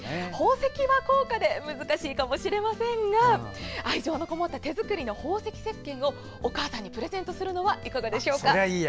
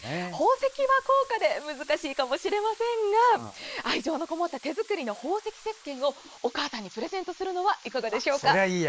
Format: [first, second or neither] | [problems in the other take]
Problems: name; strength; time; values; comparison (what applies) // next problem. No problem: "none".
first | noise reduction (neural mask model Resemble Enhance denoiser)